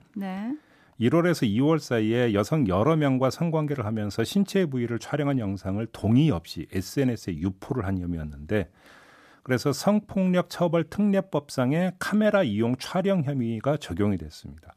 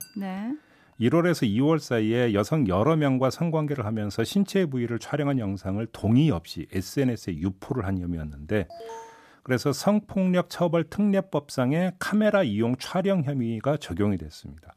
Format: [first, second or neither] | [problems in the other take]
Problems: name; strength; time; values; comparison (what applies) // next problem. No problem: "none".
first | clattering dishes; faint; at the start; peak 15 dB below the speech // alarm; faint; at 8.5 s; peak 15 dB below the speech